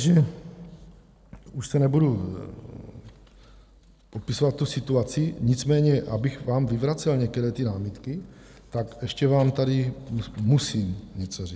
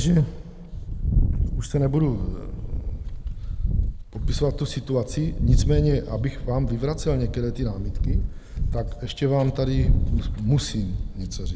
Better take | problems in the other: first | background sound (Wind); as loud as the speech

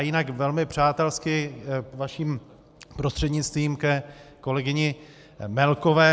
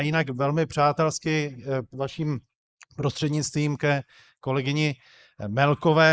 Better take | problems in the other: first | noise reduction (neural mask model Resemble Enhance denoiser)

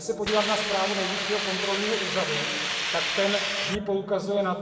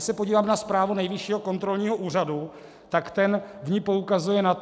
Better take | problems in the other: second | background sound (Hiss); 1 dB below the speech // room echo; dies away in 2.3 s

